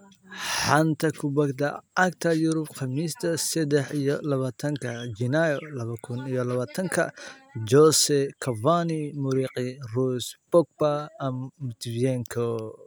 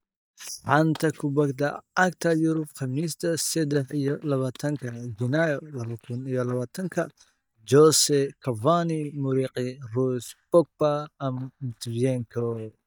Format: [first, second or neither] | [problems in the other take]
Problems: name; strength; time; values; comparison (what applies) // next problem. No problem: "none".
first | noise reduction (neural mask model DeepFilterNet 3)